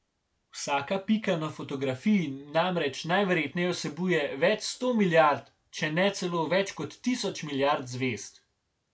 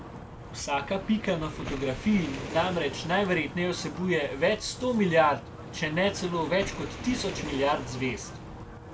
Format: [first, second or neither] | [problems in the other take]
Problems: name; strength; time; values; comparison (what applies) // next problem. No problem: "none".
first | background sound (Waves, surf + Wind); 10 dB below the speech